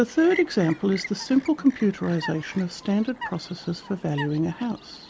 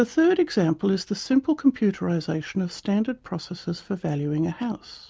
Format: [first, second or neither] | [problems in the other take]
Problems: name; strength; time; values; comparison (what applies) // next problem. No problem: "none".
second | background sound (Chirp, tweet); 15 dB below the speech